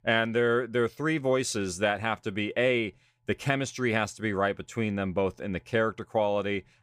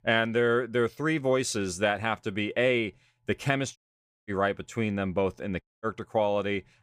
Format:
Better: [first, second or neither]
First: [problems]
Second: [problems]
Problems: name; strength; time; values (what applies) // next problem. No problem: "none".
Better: first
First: none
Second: audio cutting out; at 4 s for 0.5 s and at 5.5 s